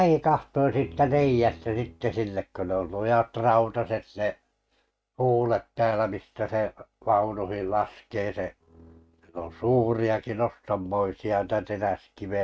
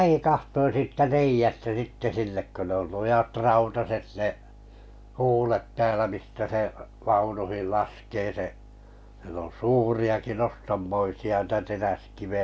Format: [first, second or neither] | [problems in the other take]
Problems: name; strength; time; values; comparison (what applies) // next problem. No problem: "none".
second | noise reduction (neural mask model RNNoise)